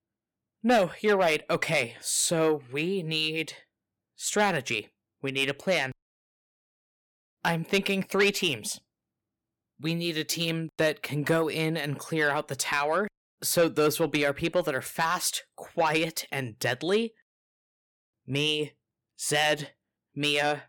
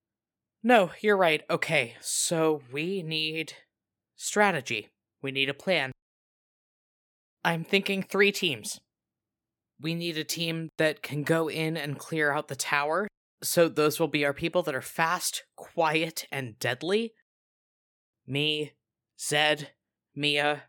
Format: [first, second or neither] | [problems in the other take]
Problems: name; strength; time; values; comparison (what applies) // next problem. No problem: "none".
second | distortion; slight; 10 dB below the speech